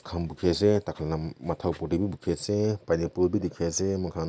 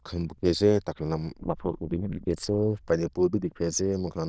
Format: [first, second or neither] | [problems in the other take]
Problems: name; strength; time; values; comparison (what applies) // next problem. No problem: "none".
first | noise reduction (neural diffusion model UNIVERSE++)